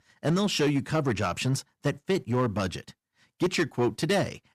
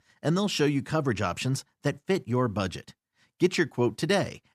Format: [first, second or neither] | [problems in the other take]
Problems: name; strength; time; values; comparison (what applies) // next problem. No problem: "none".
second | distortion; slight; 6% of the sound clipped